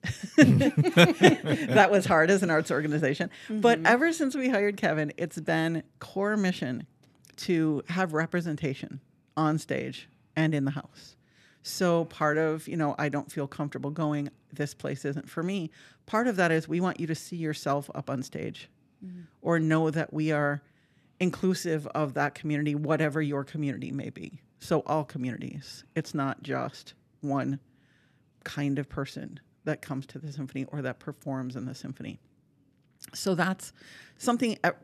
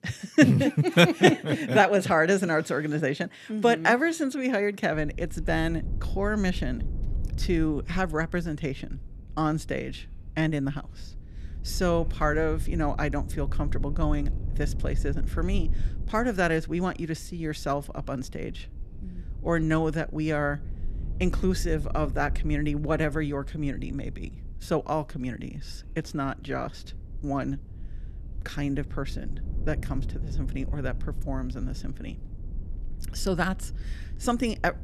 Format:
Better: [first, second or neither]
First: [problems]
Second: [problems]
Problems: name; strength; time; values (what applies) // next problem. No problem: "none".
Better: first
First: none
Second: low rumble; faint; from 5 s on; 25 dB below the speech